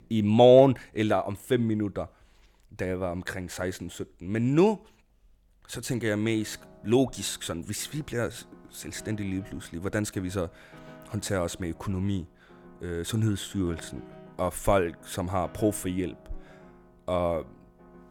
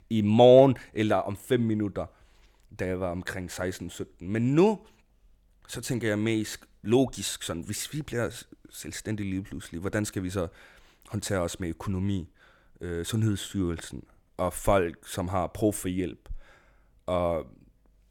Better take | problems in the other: second | background music; faint; throughout; 25 dB below the speech

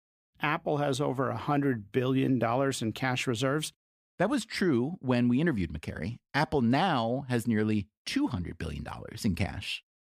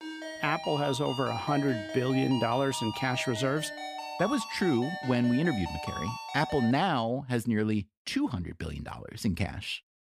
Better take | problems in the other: first | phone ringing; noticeable; until 6.5 s; peak 6 dB below the speech

